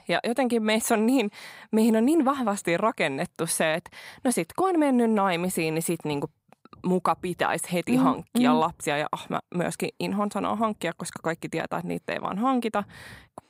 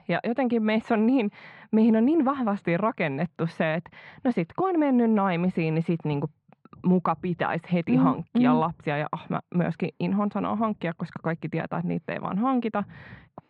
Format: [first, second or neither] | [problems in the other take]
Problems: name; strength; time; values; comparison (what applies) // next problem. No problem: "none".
first | muffled; slightly; fading above 3 kHz